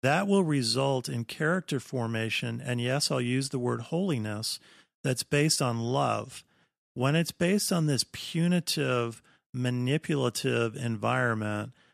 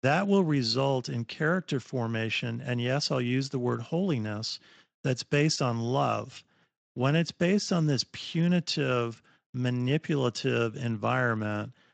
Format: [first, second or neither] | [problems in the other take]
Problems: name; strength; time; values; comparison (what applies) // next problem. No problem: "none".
first | garbled, watery; slightly; nothing above 7.5 kHz